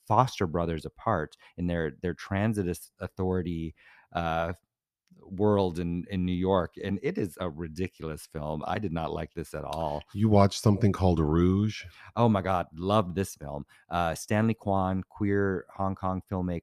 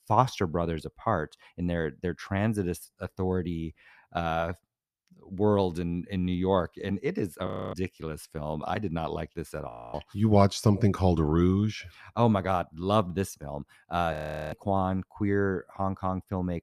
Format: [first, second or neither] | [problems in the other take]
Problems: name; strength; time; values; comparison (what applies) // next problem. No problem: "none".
first | audio freezing; at 7.5 s, at 9.5 s and at 14 s